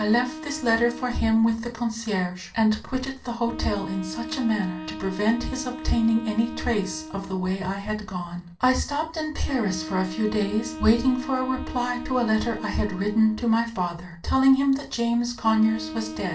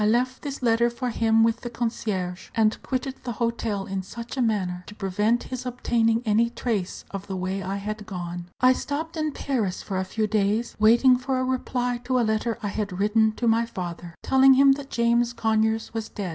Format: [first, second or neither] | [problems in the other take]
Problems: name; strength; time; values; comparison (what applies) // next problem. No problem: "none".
second | background sound (Wind instrument, woodwind instrument); 13 dB below the speech // room echo; dies away in 0.3 s